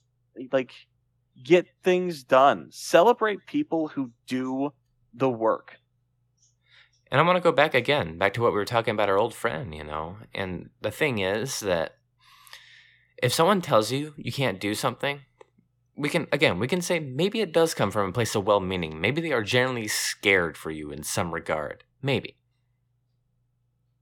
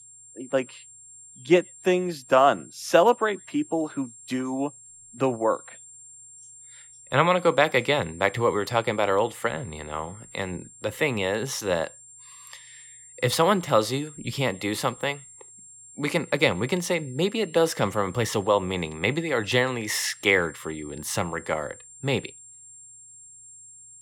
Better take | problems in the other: first | high-pitched whine; faint; throughout; 7.5 kHz, 20 dB below the speech

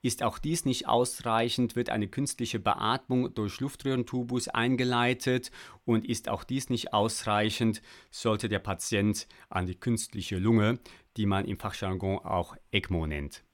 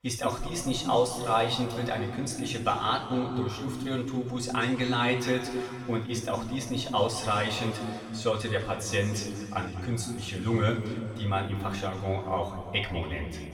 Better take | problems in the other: first | room echo; noticeable; dies away in 2.2 s // off-mic speech; far

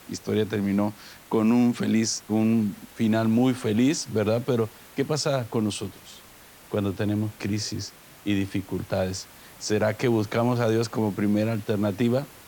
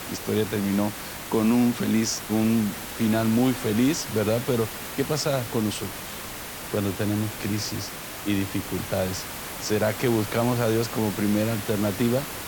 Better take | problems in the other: first | hiss; loud; throughout; 8 dB below the speech; faint in the first

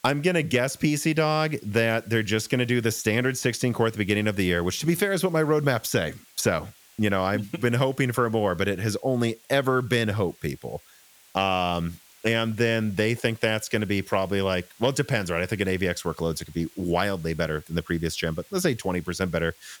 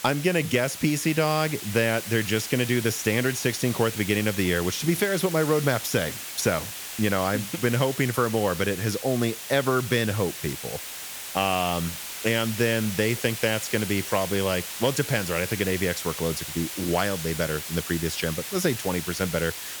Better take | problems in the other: first | hiss; loud; throughout; 8 dB below the speech; faint in the first

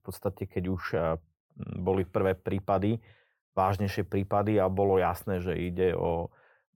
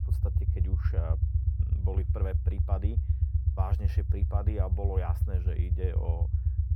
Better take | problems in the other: first | low rumble; loud; throughout; 4 dB below the speech

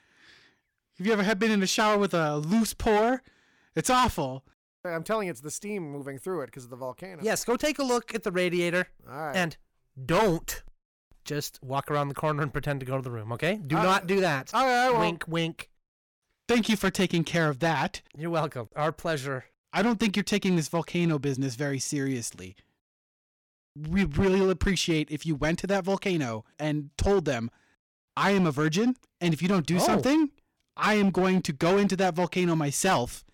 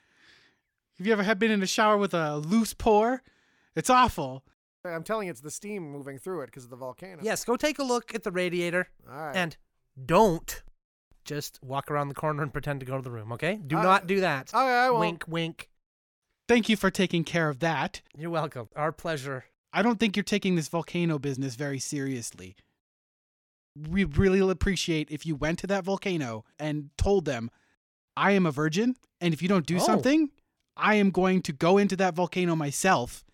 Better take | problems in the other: second | distortion; slight; 7% of the sound clipped

